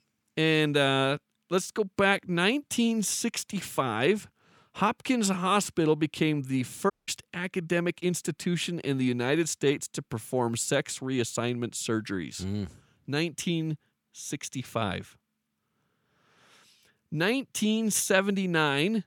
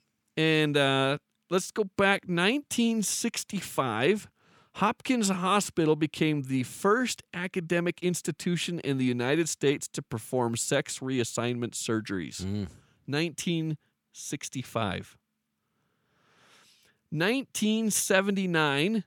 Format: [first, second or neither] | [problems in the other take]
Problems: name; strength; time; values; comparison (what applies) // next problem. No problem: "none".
second | audio cutting out; at 7 s